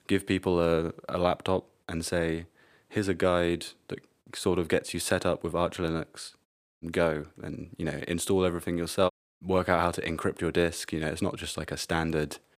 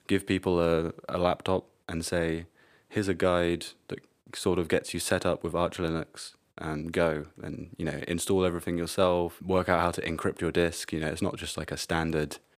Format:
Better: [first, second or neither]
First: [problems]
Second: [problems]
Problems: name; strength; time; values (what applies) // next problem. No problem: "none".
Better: second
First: audio cutting out; at 6.5 s and at 9 s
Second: none